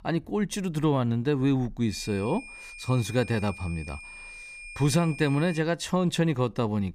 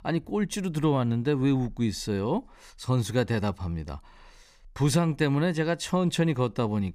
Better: second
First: high-pitched whine; noticeable; from 2 to 5.5 s; 2.5 kHz, 15 dB below the speech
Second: none

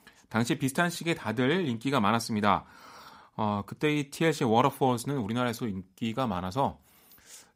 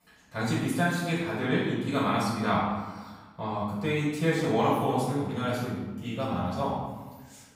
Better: first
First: none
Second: off-mic speech; far // room echo; strong; dies away in 1.1 s

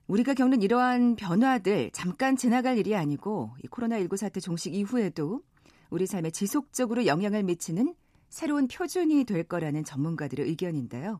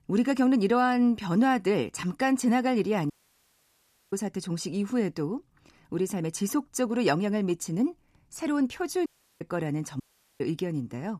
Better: first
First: none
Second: audio cutting out; at 3 s for 1 s, at 9 s and at 10 s

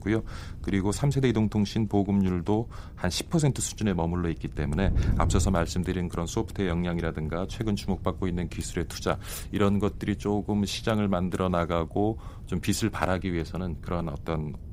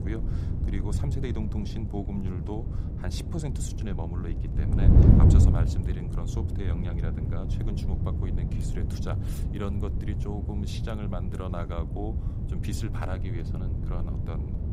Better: first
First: wind noise on the microphone; occasional gusts; 20 dB below the speech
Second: wind noise on the microphone; heavy; 1 dB above the speech

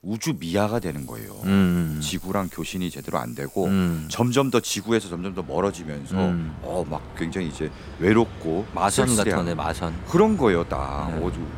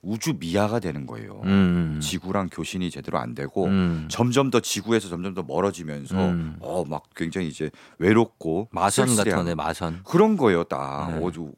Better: second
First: traffic noise; noticeable; throughout; 15 dB below the speech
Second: none

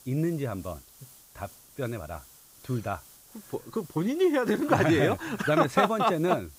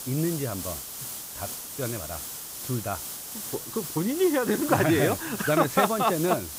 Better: first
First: hiss; faint; throughout; 25 dB below the speech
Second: hiss; loud; throughout; 8 dB below the speech

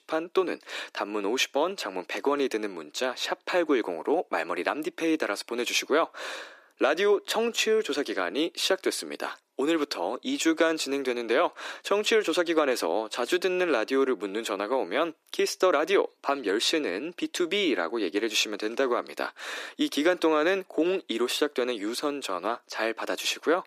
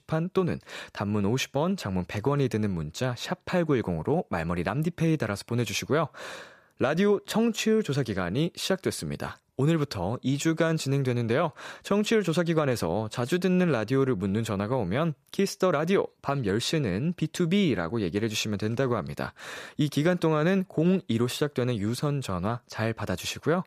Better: second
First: thin; somewhat; fading below 300 Hz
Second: none

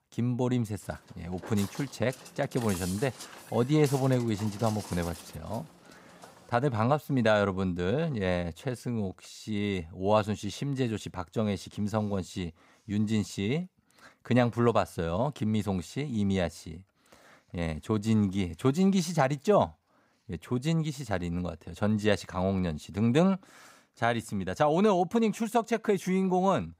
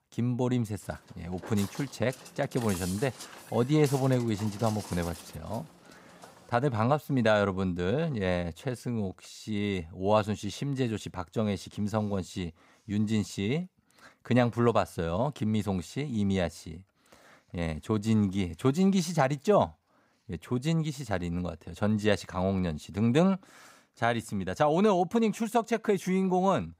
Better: neither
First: footsteps; noticeable; from 1 to 6.5 s; peak 10 dB below the speech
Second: footsteps; noticeable; from 1 to 6.5 s; peak 10 dB below the speech

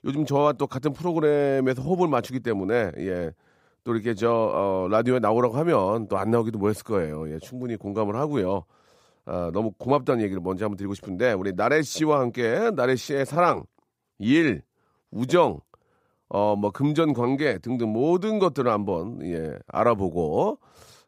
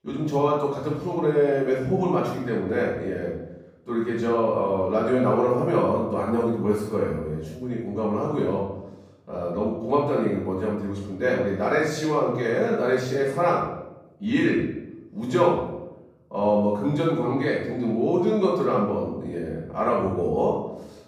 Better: first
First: none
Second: off-mic speech; far // room echo; noticeable; dies away in 0.8 s

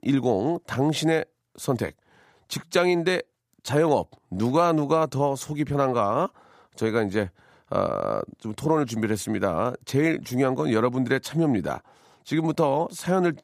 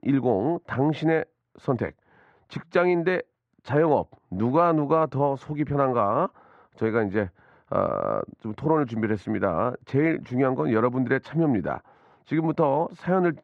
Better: first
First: none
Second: muffled; very; fading above 1.5 kHz

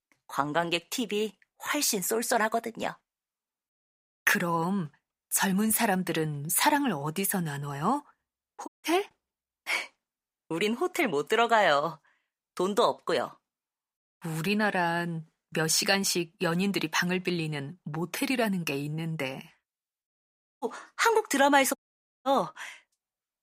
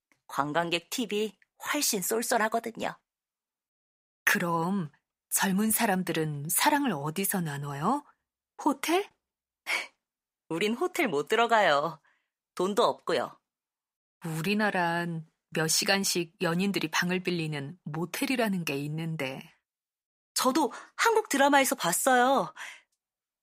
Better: second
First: audio cutting out; at 8.5 s, at 20 s and at 22 s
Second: none

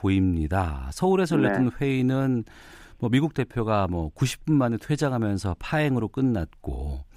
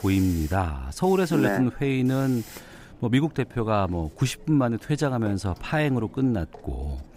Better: first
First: none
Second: hiss; faint; throughout; 20 dB below the speech

